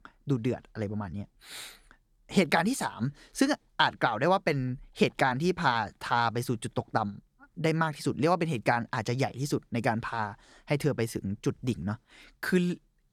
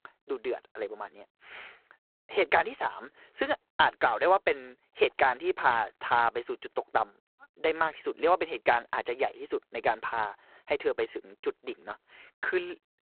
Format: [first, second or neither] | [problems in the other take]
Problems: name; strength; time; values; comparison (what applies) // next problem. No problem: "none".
first | phone-call audio; poor line